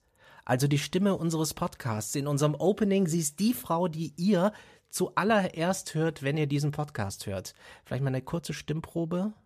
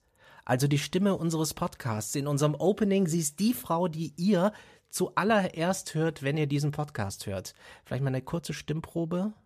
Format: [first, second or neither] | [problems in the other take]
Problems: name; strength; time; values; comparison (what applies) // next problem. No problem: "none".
neither | none